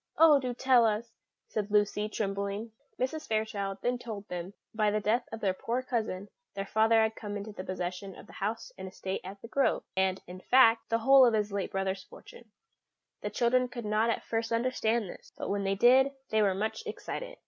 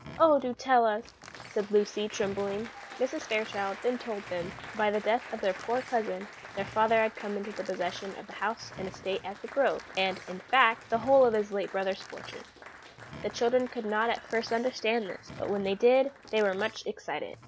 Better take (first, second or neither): first